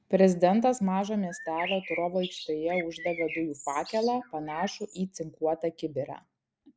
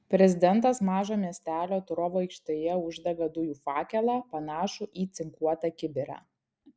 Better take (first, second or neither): second